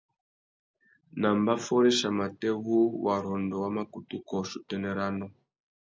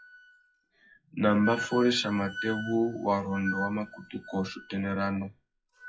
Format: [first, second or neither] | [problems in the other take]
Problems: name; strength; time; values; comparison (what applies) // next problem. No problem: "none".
first | noise reduction (classical method WPE with log-MMSE)